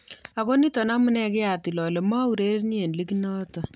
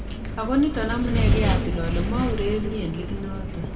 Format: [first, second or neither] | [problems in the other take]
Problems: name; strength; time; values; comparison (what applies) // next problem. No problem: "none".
first | background sound (Wind); 2 dB above the speech // room echo; dies away in 1.8 s